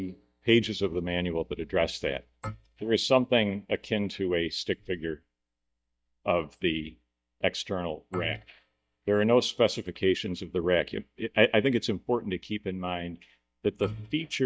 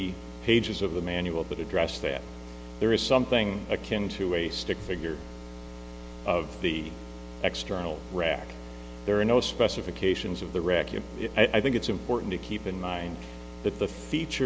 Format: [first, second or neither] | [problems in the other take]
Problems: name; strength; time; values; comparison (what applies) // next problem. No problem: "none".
second | noise reduction (neural mask model DeepFilterNet 3)